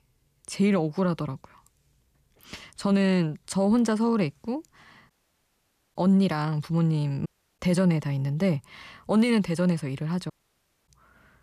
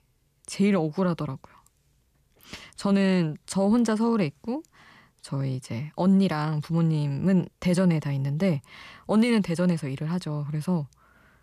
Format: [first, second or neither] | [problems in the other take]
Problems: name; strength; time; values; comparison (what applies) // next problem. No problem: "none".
second | audio cutting out; at 5 s for 1 s, at 7.5 s and at 10 s for 0.5 s